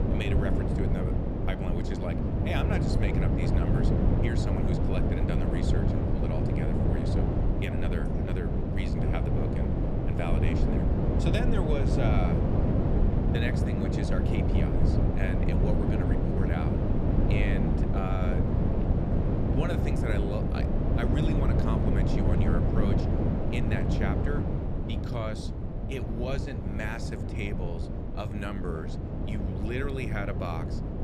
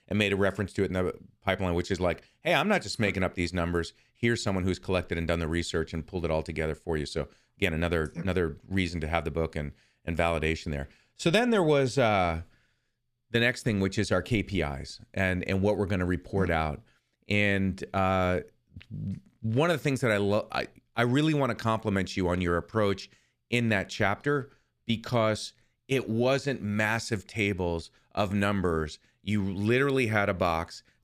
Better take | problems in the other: second | wind noise on the microphone; heavy; 2 dB above the speech

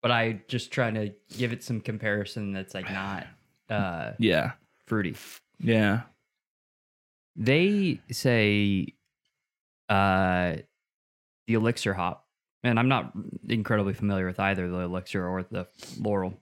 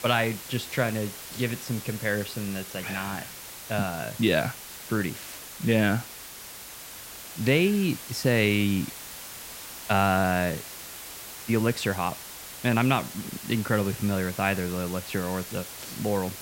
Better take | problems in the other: first | hiss; noticeable; throughout; 10 dB below the speech

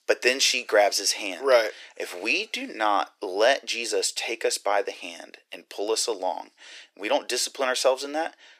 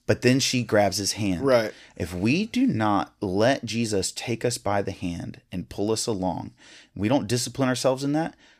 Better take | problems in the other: second | thin; very; fading below 400 Hz

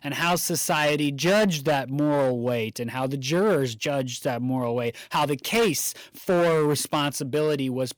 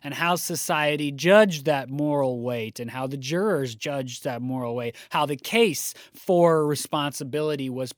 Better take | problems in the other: second | distortion; heavy; 10% of the sound clipped

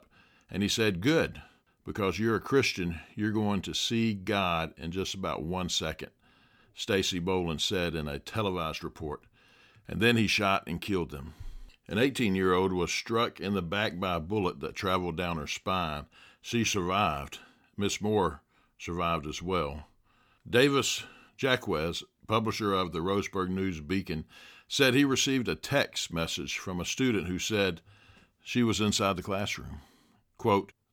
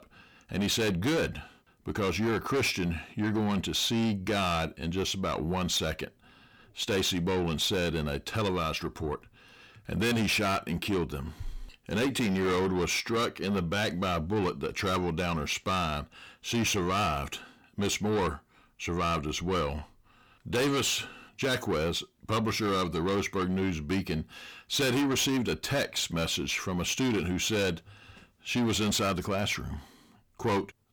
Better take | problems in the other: first | distortion; heavy; 7 dB below the speech

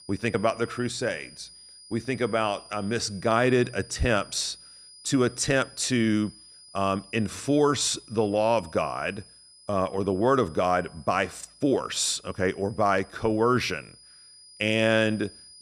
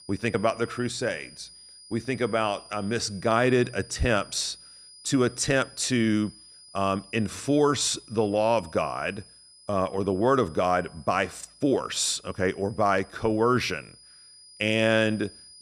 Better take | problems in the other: neither | high-pitched whine; faint; throughout; 5 kHz, 20 dB below the speech; the same in both

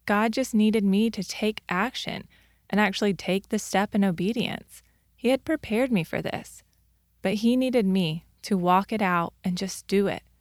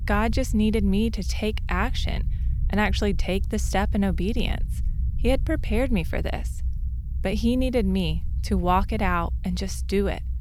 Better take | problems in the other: first | low rumble; faint; throughout; 20 dB below the speech

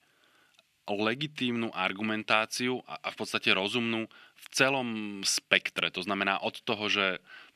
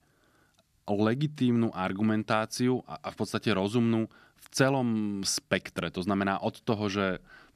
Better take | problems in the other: second | thin; very slightly; fading below 450 Hz

